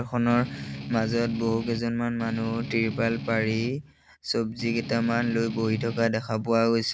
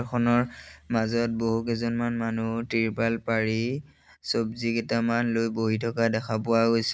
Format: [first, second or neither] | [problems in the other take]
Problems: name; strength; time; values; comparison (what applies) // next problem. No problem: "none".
second | background sound (Strum); 9 dB below the speech